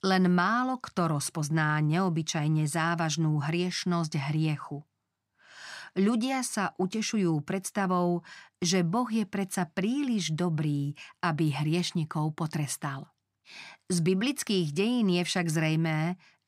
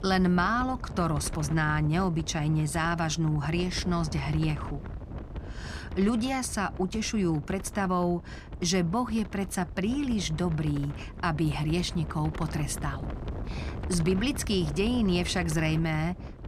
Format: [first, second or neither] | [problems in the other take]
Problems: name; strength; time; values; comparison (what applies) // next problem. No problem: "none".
first | wind noise on the microphone; occasional gusts; 15 dB below the speech